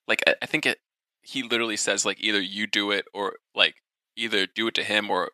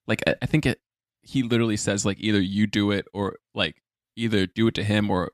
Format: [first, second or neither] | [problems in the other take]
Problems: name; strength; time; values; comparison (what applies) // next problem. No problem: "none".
second | thin; somewhat; fading below 500 Hz